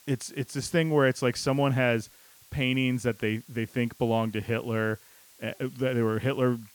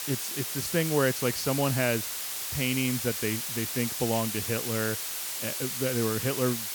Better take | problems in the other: first | hiss; loud; throughout; 1 dB below the speech; faint in the first

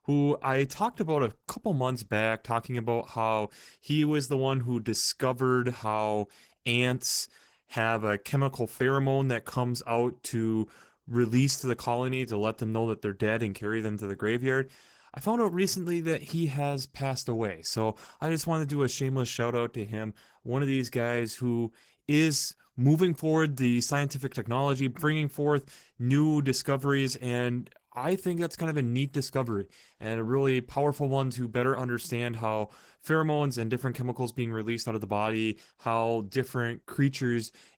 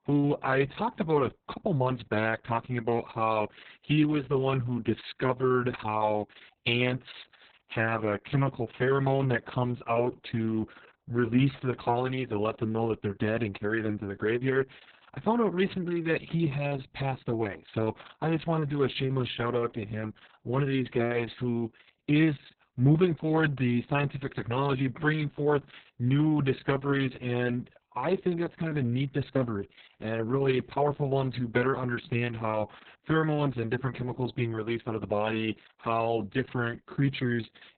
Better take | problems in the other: first | garbled, watery; badly; nothing above 4 kHz; slightly in the first

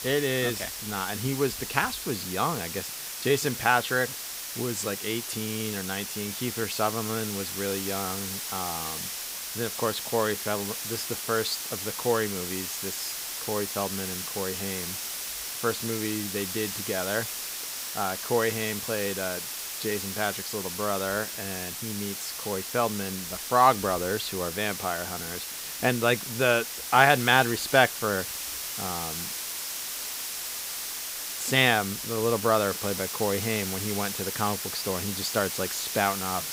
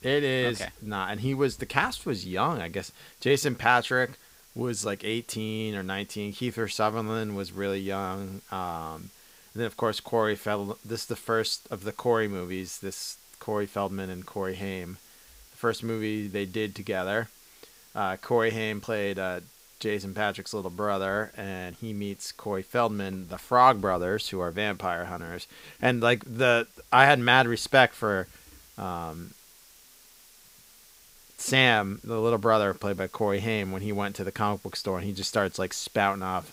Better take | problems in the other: second | hiss; loud; throughout; 4 dB below the speech; faint in the second

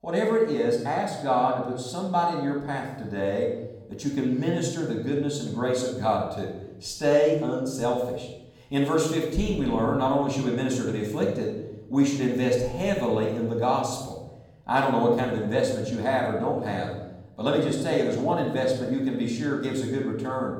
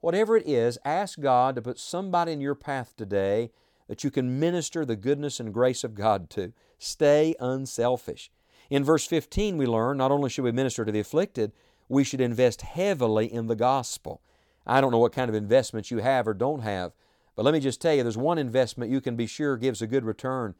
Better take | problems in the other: second | off-mic speech; far // room echo; noticeable; dies away in 0.8 s

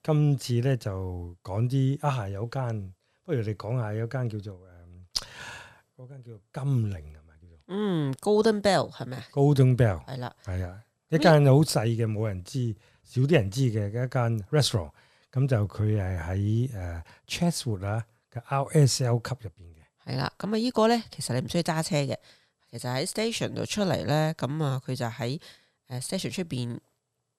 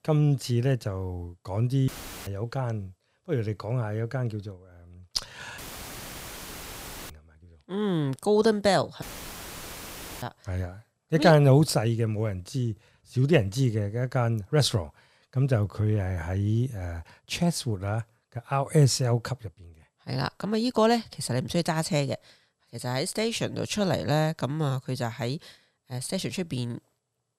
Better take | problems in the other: first | audio cutting out; filled with static; at 2 s, at 5.5 s for 1.5 s and at 9 s for 1 s

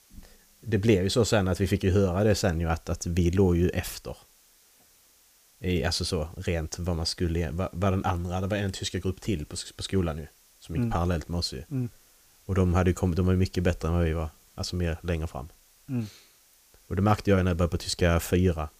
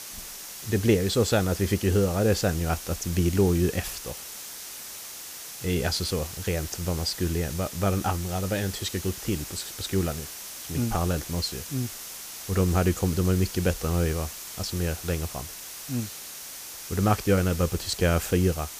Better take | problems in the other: first | hiss; loud; throughout; 10 dB below the speech; faint in the first

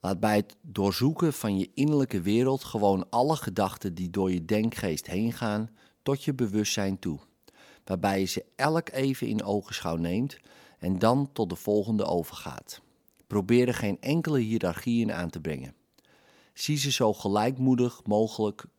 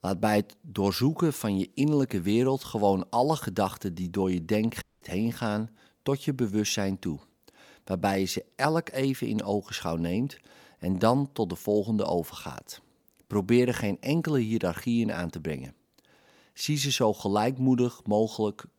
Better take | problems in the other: first | audio cutting out; at 5 s

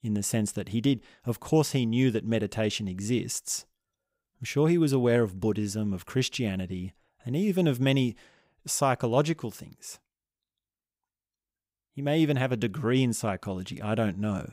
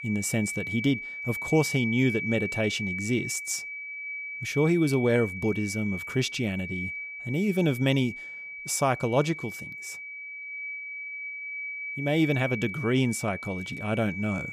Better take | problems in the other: first | high-pitched whine; loud; throughout; 2.5 kHz, 7 dB below the speech

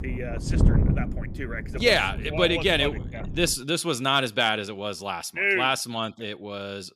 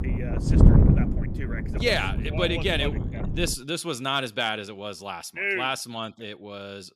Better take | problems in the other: first | wind noise on the microphone; heavy; until 3.5 s; 7 dB below the speech; occasional gusts in the first

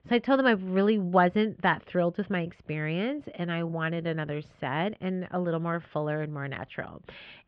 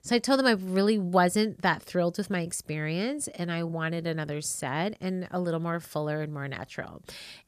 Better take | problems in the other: second | muffled; very; fading above 3 kHz

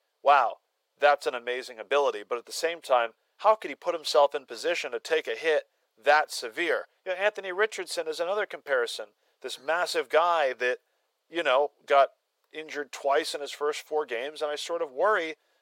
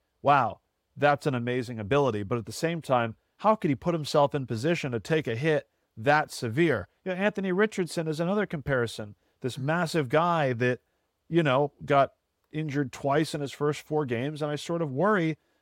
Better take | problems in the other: second | thin; very; fading below 500 Hz

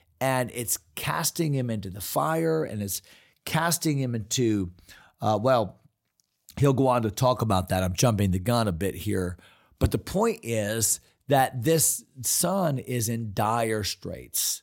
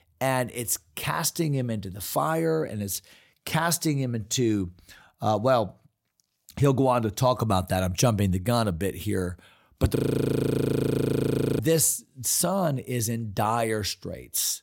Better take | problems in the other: first | audio freezing; at 10 s for 1.5 s

